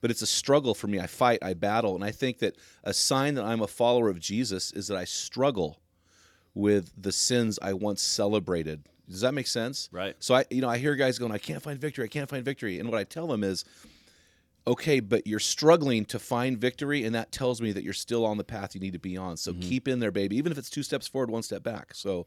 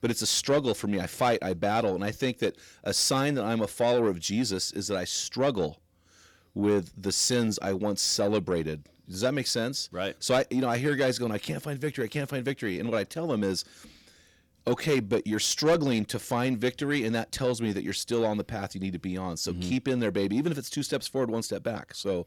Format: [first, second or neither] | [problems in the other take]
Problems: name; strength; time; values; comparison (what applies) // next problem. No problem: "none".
first | distortion; slight; 10 dB below the speech